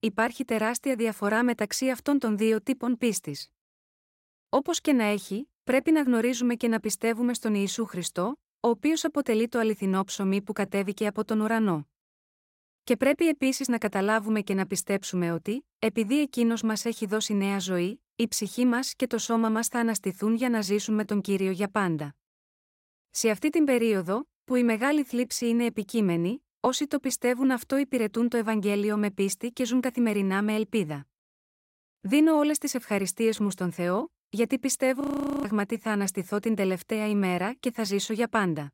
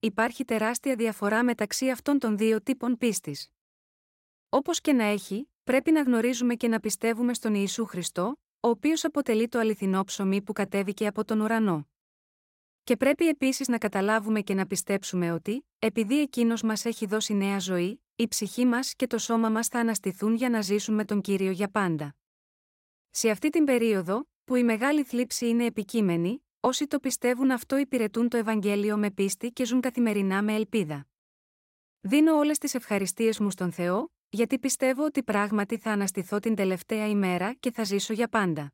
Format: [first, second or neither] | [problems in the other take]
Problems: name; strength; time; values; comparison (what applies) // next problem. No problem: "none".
second | audio freezing; at 35 s